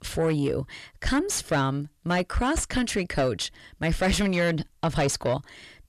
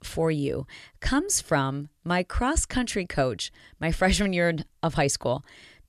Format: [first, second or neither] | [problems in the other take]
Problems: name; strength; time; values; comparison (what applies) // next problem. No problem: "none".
second | distortion; slight; 10 dB below the speech